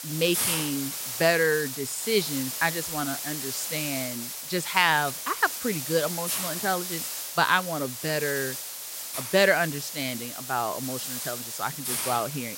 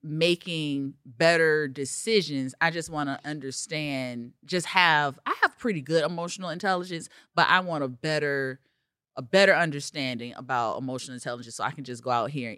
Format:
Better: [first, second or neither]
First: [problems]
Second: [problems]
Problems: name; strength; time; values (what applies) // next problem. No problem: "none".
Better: second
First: hiss; loud; throughout; 4 dB below the speech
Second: none